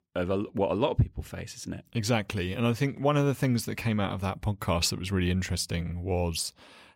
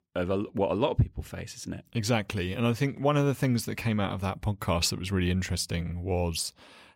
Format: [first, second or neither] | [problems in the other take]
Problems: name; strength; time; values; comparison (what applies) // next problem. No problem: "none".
neither | none